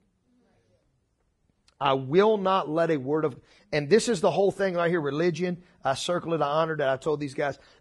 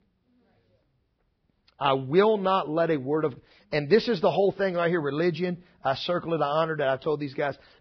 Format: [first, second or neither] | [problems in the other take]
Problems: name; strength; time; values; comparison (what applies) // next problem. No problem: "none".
first | garbled, watery; badly; nothing above 5.5 kHz; slightly in the first